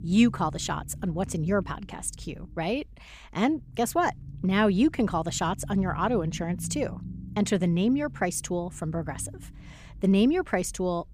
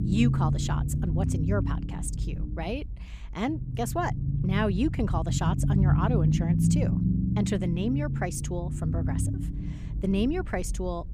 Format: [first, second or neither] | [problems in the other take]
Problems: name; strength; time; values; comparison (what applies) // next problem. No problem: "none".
first | low rumble; loud; throughout; 5 dB below the speech; faint in the first